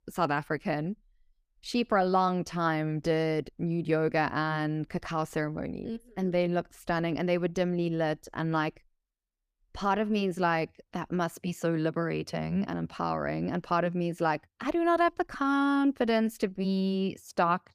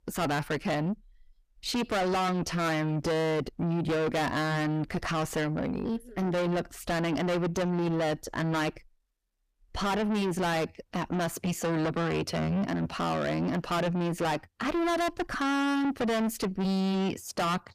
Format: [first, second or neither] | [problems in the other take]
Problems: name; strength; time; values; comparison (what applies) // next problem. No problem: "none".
first | distortion; heavy; 5 dB below the speech